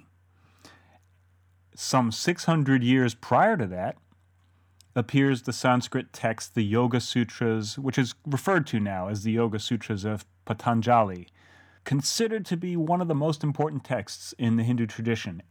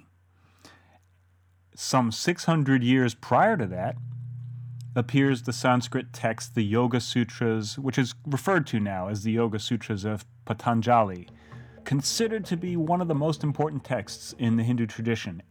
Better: first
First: none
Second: background music; noticeable; from 3.5 s on; 20 dB below the speech

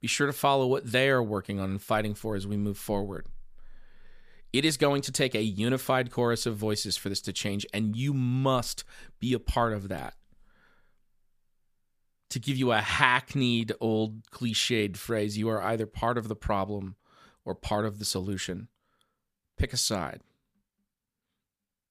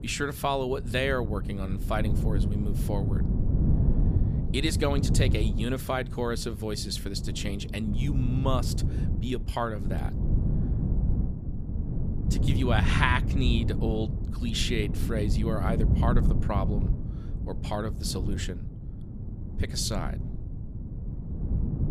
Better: first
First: none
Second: wind noise on the microphone; heavy; 9 dB below the speech

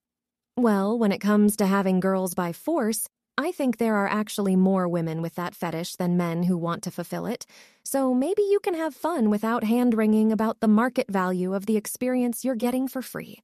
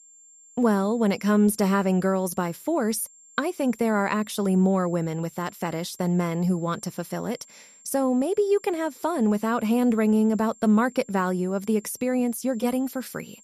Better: first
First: none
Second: high-pitched whine; faint; throughout; 7.5 kHz, 25 dB below the speech

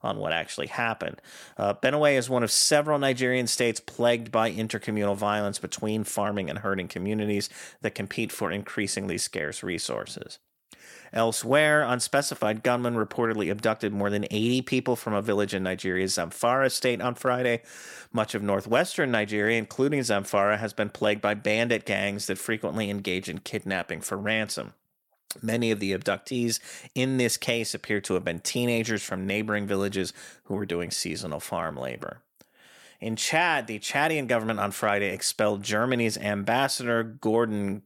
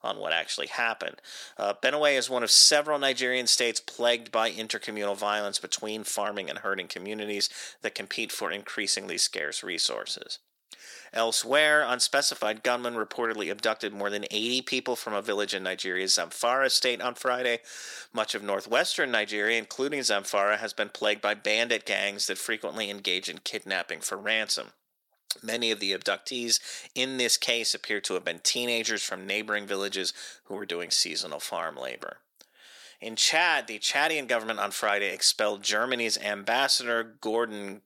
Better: first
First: none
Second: thin; somewhat; fading below 350 Hz

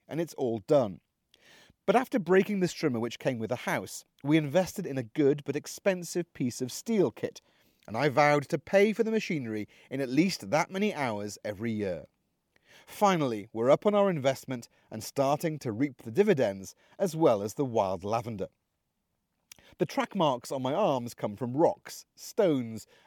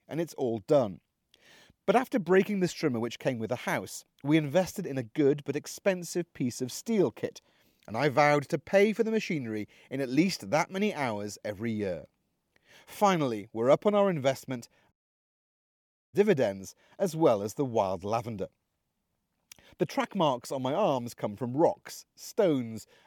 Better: first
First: none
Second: audio cutting out; at 15 s for 1 s

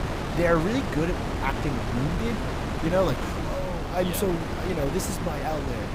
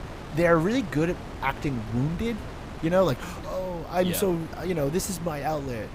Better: second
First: wind noise on the microphone; heavy; 3 dB below the speech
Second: wind noise on the microphone; occasional gusts; 15 dB below the speech

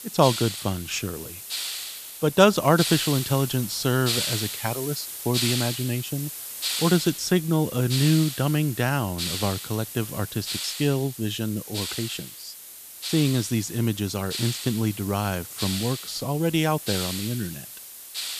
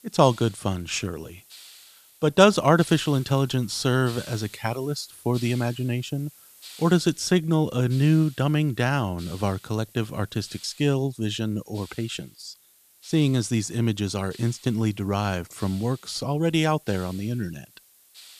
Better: second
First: hiss; loud; throughout; 6 dB below the speech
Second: hiss; faint; throughout; 20 dB below the speech

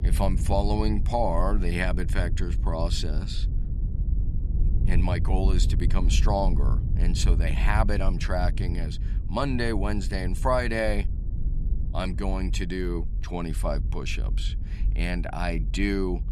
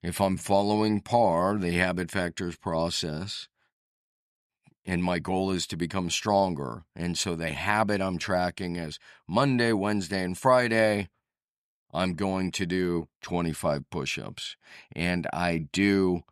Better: second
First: low rumble; noticeable; throughout; 15 dB below the speech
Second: none

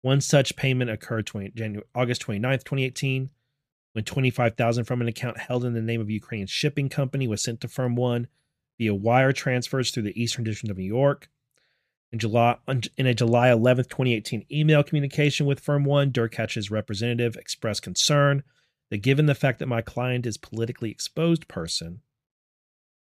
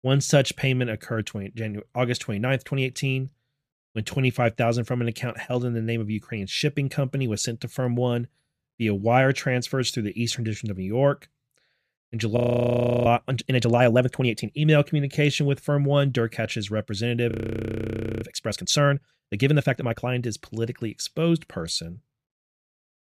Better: first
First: none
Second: audio freezing; at 12 s for 0.5 s and at 17 s for 1 s

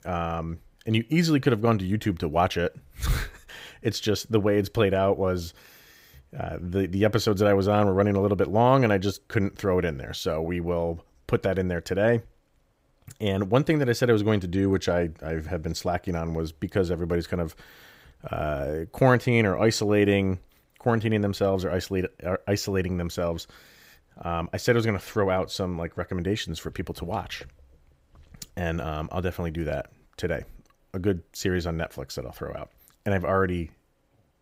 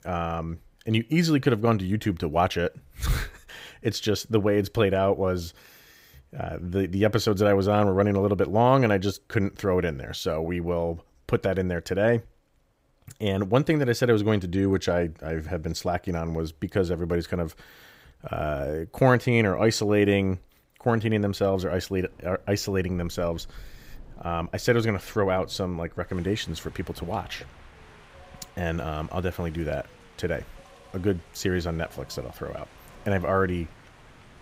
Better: first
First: none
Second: wind in the background; faint; from 22 s on; 25 dB below the speech

